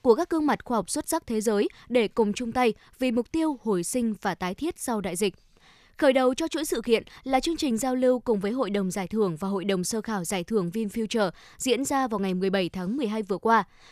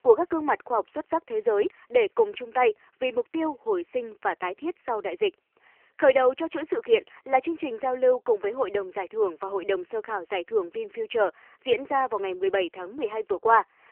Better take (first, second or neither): first